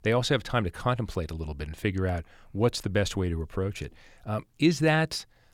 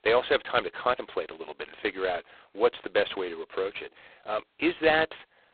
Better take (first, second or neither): first